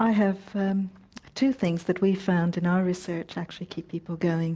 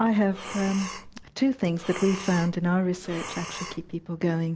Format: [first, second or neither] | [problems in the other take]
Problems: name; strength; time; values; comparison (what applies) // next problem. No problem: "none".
first | background sound (Breathing); 13 dB below the speech